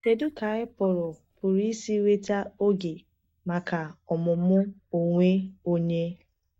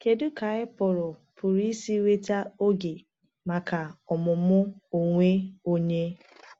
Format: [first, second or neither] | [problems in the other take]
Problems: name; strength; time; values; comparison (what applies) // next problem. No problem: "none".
second | noise reduction (neural mask model DeepFilterNet 3)